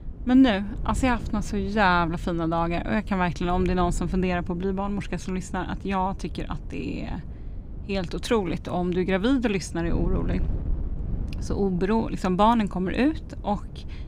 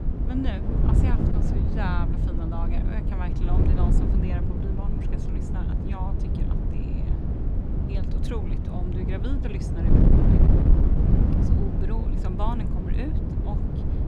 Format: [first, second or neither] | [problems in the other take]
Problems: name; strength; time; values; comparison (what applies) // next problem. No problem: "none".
first | wind noise on the microphone; heavy; 3 dB above the speech; occasional gusts in the first